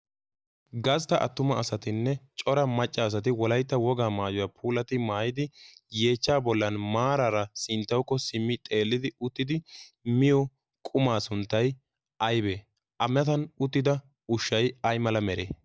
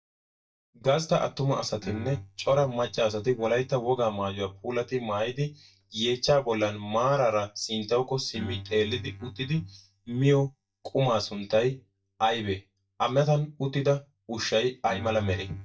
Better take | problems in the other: first | noise reduction (neural mask model DeepFilterNet 3)

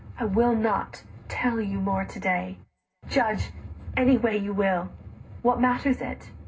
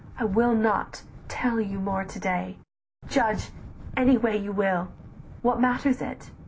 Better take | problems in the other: second | room echo; dies away in 0.2 s

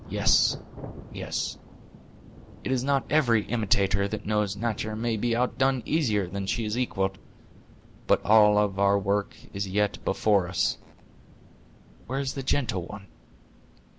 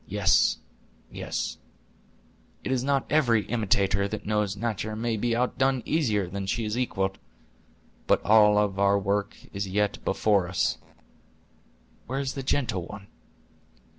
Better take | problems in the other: second | background sound (Thunder / Rain); 18 dB below the speech

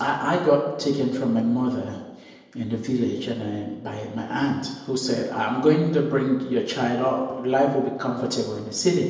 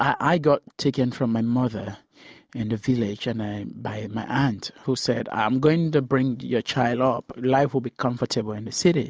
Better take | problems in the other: second | room echo; dies away in 1 s

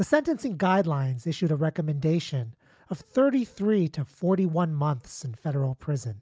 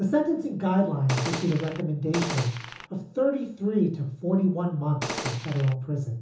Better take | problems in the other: first | background sound (Gunshot, gunfire); 7 dB below the speech // room echo; dies away in 1.2 s

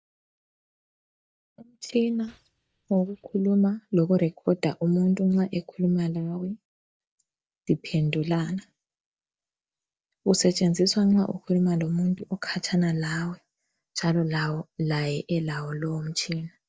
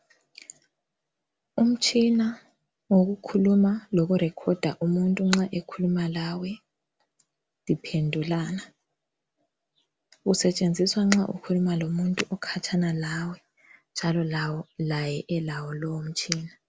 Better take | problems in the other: second | noise reduction (neural mask model DeepFilterNet 3)

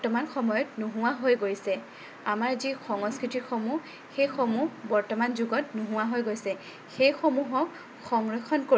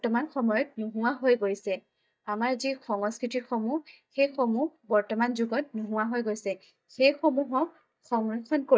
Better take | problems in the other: first | noise reduction (neural mask model DeepFilterNet 3)

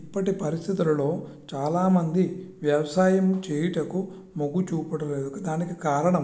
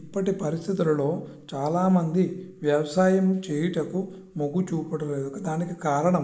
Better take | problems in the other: first | noise reduction (neural mask model Resemble Enhance denoiser)

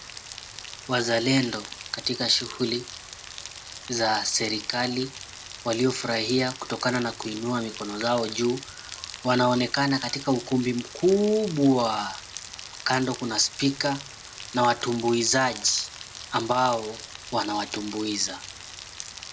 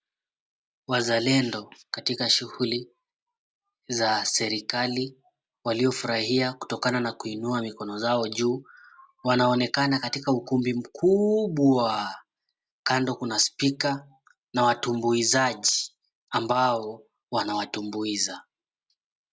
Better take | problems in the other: second | background sound (Rain); 14 dB below the speech

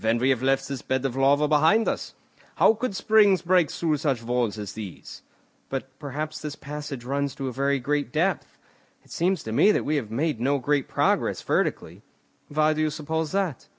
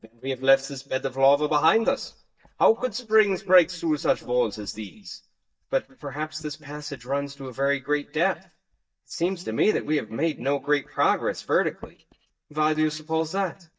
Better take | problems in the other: first | noise reduction (neural mask model DeepFilterNet 3)

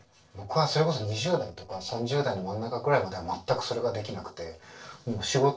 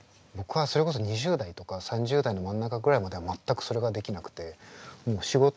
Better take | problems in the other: second | noise reduction (neural separator model SepFormer DNS4)

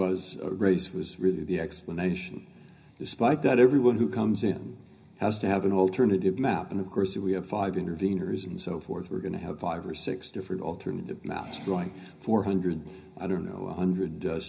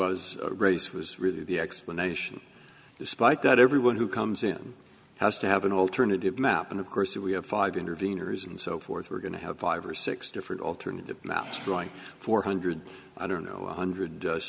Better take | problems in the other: second | room echo; dies away in 0.5 s

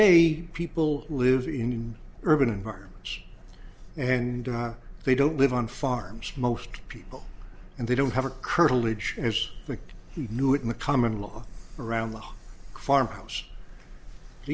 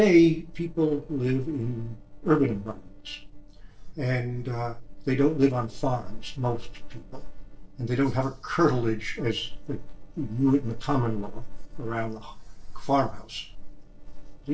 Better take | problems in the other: first | noise reduction (neural separator model SepFormer DNS4)

